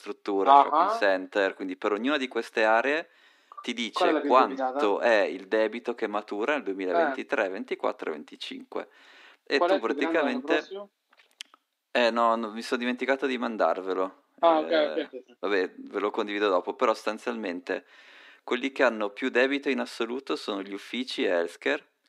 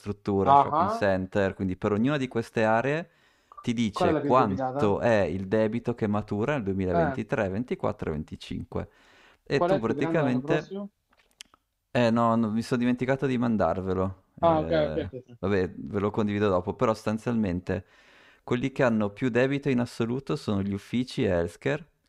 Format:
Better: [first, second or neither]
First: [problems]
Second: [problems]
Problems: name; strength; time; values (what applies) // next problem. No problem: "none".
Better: second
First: thin; somewhat; fading below 250 Hz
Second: none